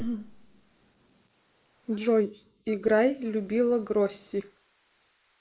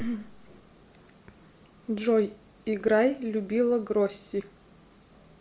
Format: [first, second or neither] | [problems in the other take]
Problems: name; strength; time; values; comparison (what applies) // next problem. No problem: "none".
second | noise reduction (neural mask model Resemble Enhance denoiser)